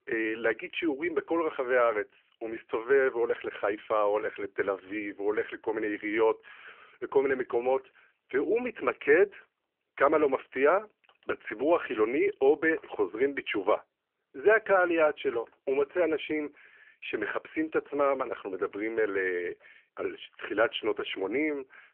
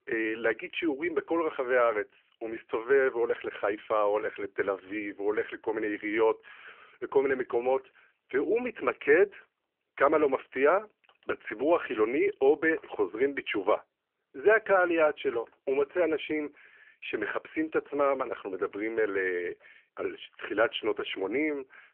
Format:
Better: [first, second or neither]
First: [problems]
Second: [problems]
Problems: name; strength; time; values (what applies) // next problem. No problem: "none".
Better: neither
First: phone-call audio; nothing above 3 kHz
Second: phone-call audio; nothing above 3 kHz